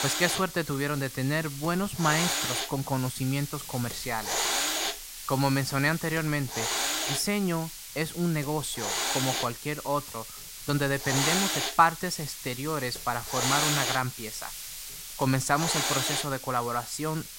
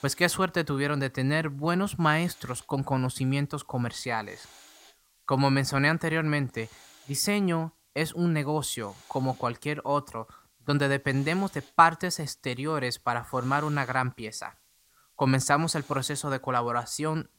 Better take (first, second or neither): second